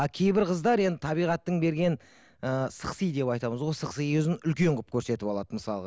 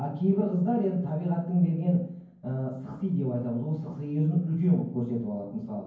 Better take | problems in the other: first | room echo; dies away in 0.9 s

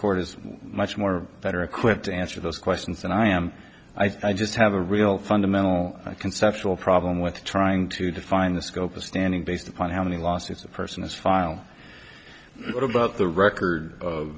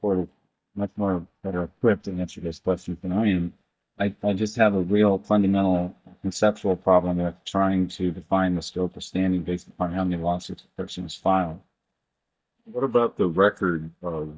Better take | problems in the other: first | noise reduction (neural mask model DeepFilterNet 3)

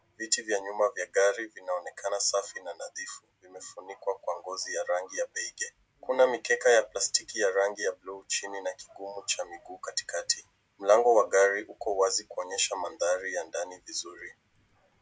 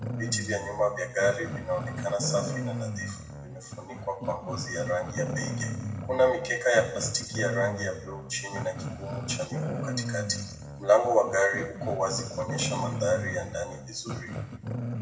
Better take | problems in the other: first | background sound (Growling); 5 dB below the speech // room echo; dies away in 0.8 s

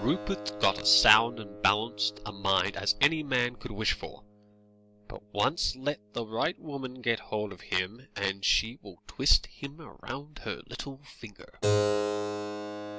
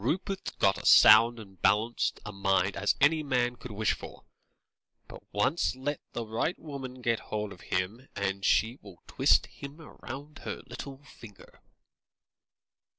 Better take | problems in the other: second | background sound (Keyboard (musical)); 7 dB below the speech

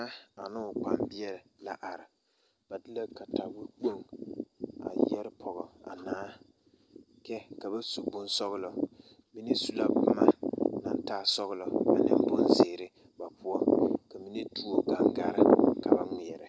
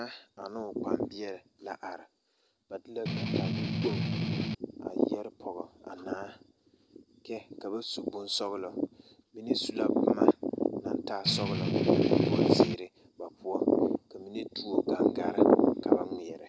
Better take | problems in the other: first | background sound (Strum); 1 dB below the speech

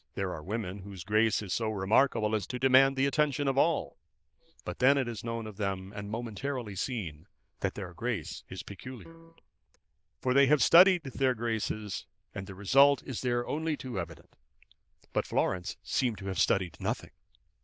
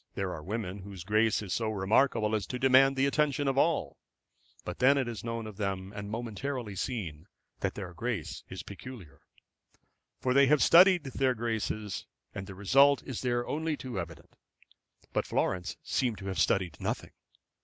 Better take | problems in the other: second | noise reduction (neural diffusion model UNIVERSE++)

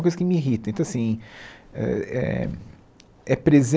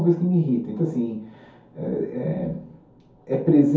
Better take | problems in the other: first | room echo; dies away in 0.6 s

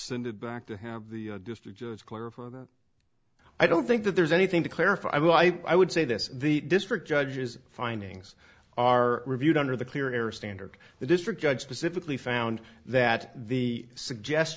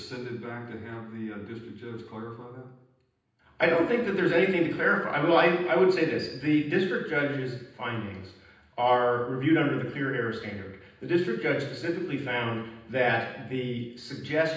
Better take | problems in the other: first | room echo; dies away in 0.9 s

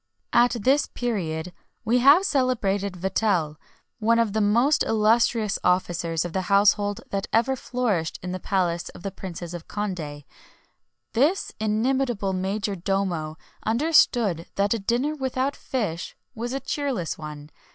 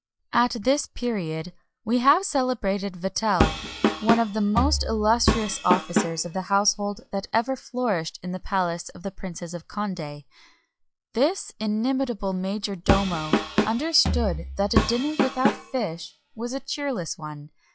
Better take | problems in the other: first | noise reduction (classical method log-MMSE)

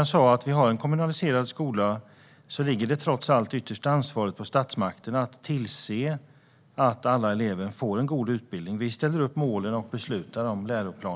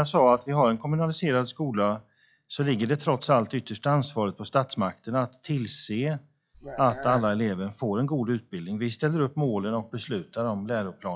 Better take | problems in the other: first | noise reduction (classical method log-MMSE)

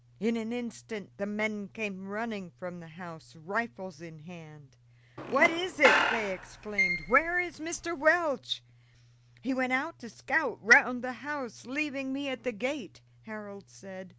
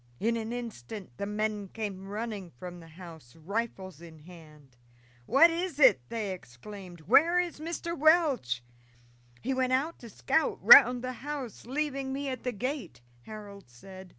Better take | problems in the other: second | background sound (Squeak / Screech); as loud as the speech

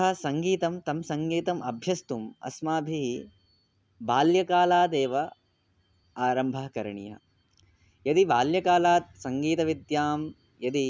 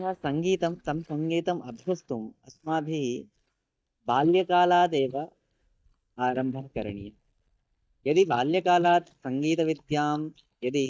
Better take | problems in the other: first | noise reduction (neural mask model DeepFilterNet 3)

